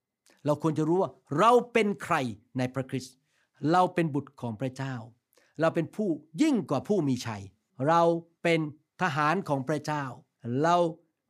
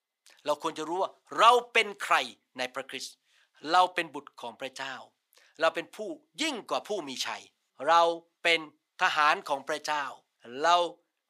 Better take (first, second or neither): first